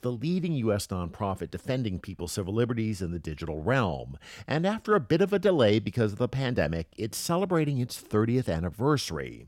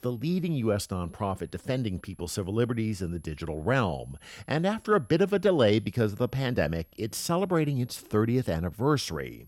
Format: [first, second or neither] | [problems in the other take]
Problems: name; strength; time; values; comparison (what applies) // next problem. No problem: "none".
first | high-pitched whine; faint; throughout; 11 kHz, 30 dB below the speech